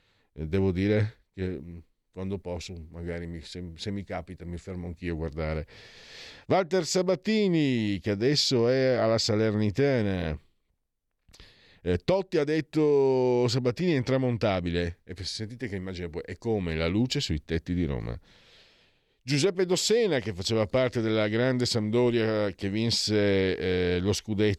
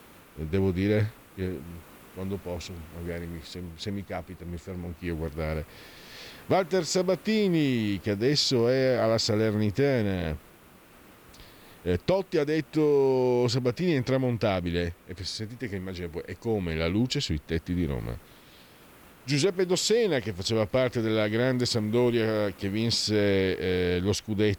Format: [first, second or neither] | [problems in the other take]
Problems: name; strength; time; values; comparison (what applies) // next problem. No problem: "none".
first | hiss; faint; throughout; 25 dB below the speech